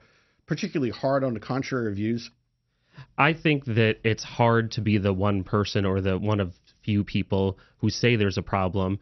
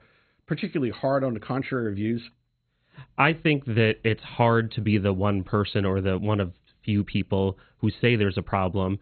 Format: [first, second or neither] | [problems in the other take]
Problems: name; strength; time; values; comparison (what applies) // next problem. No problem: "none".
first | garbled, watery; badly; nothing above 4 kHz; slightly in the first